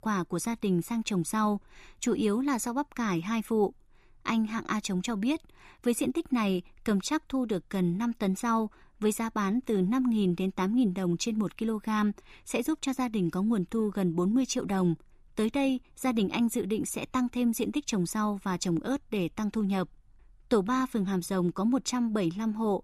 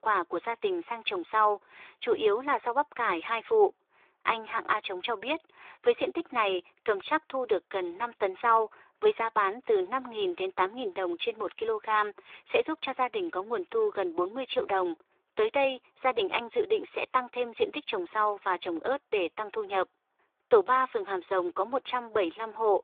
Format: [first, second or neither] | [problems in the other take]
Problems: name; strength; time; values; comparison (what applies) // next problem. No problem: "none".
first | phone-call audio